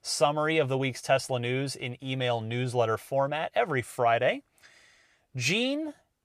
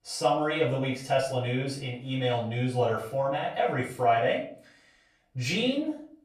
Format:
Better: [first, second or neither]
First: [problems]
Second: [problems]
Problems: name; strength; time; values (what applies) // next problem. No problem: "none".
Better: first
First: none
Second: off-mic speech; far // room echo; slight; dies away in 0.4 s